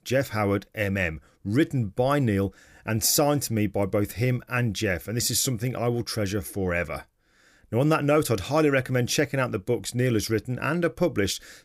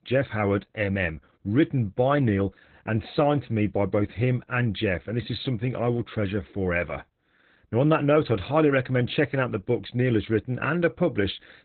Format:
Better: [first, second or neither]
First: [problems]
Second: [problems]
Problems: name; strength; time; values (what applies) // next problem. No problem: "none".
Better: first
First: none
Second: garbled, watery; badly; nothing above 4 kHz